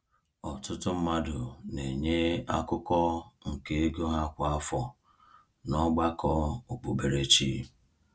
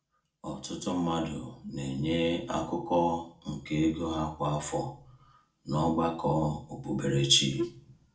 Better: first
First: none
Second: background sound (Wind instrument, woodwind instrument); 6 dB below the speech // room echo; dies away in 0.4 s

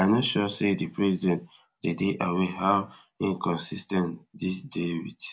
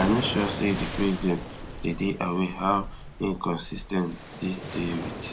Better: first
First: none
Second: background sound (Waves, surf); 8 dB below the speech

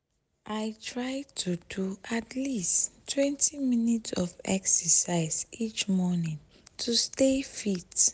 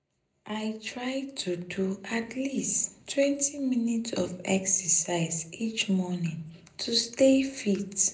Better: first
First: none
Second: room echo; dies away in 0.5 s

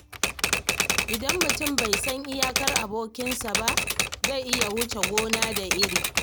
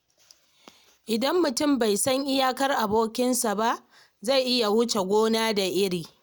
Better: second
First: background sound (Typewriter); 5 dB above the speech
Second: none

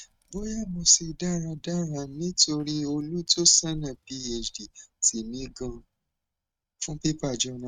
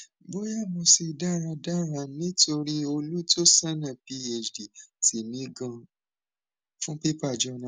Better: second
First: noise reduction (neural mask model RNNoise)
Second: none

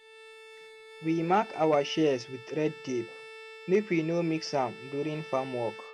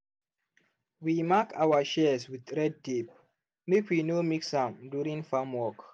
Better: second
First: background sound (Bowed string instrument); 16 dB below the speech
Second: none

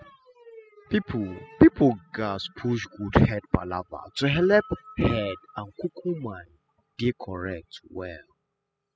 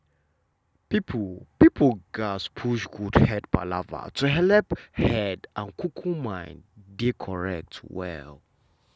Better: second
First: noise reduction (classical method spectral subtraction)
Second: none

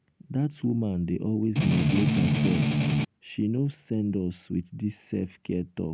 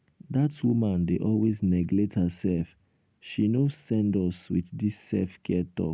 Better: second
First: background sound (Strum); 5 dB above the speech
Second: none

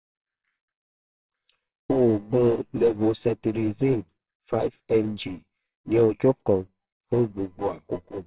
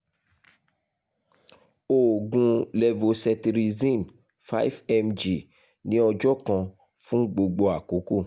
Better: second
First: noise reduction (neural separator model SepFormer WHAMR!)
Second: none

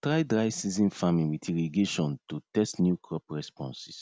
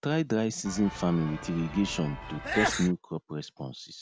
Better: first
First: none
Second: background sound (Sneeze / Church bell); 6 dB below the speech

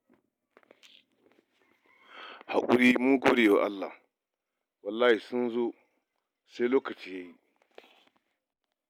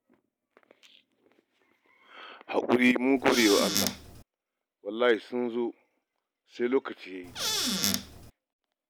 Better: first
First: none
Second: background sound (Squeak / Cupboard open or close); as loud as the speech

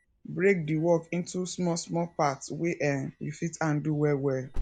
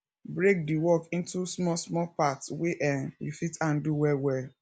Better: second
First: background sound (Alarm); 15 dB below the speech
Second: none

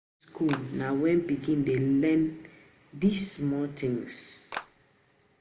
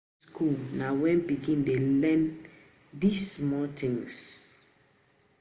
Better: second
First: background sound (Clapping); 10 dB below the speech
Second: none

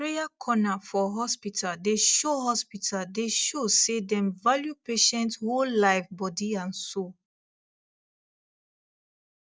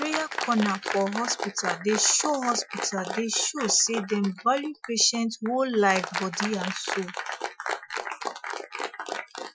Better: first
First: none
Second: noise reduction (classical method Wiener filter)

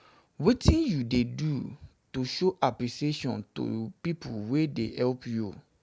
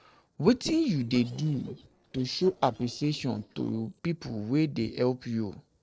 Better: first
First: none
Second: noise reduction (neural separator model SepFormer DNS4)

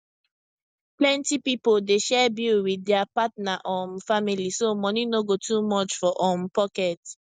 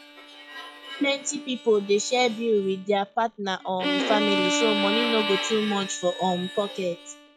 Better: first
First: none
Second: noise reduction (classical method log-MMSE)

